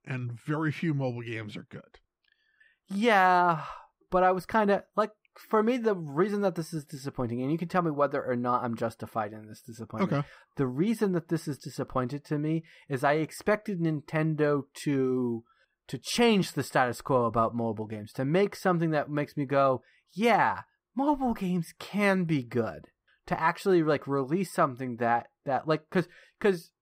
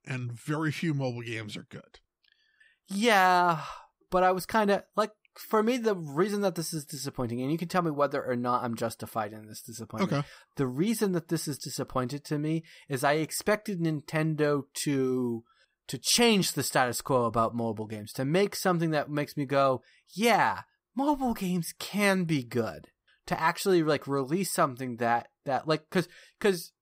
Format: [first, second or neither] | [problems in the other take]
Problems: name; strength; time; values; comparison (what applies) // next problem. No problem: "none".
second | muffled; slightly; fading above 3.5 kHz